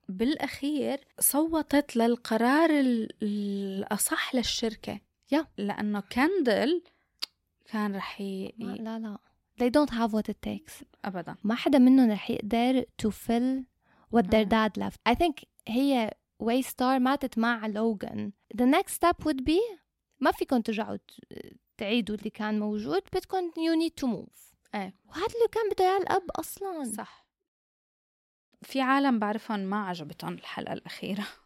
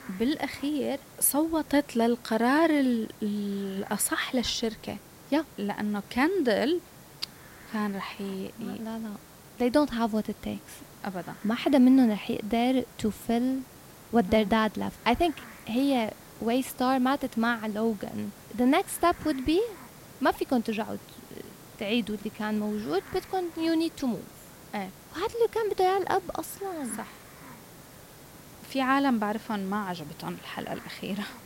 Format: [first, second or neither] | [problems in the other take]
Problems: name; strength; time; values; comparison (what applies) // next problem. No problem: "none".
first | hiss; noticeable; throughout; 20 dB below the speech